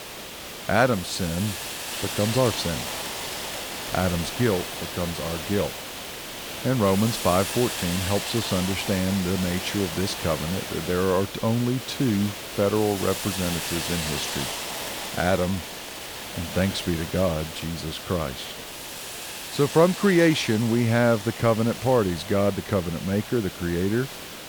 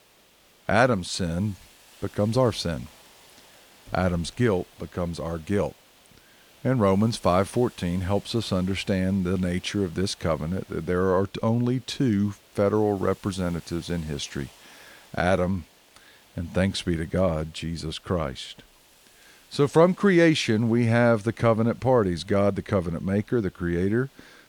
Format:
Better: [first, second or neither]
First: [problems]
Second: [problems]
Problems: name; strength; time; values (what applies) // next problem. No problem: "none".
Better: second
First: hiss; loud; throughout; 7 dB below the speech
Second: hiss; faint; throughout; 25 dB below the speech